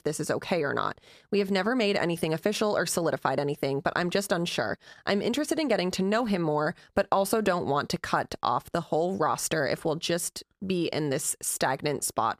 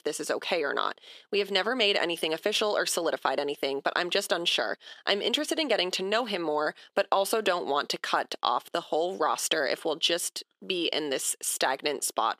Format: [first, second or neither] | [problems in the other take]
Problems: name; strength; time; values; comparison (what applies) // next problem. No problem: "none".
first | thin; somewhat; fading below 300 Hz